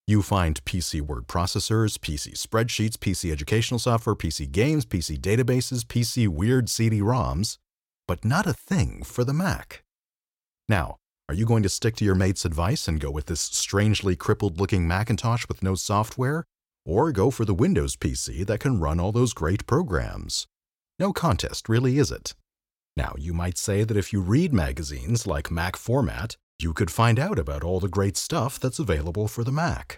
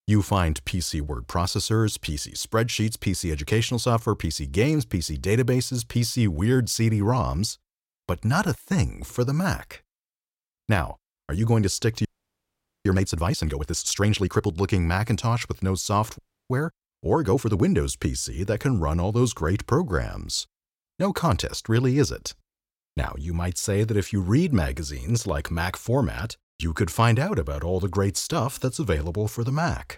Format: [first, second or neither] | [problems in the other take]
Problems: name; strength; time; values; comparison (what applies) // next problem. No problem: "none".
first | audio freezing; at 12 s for 1 s and at 16 s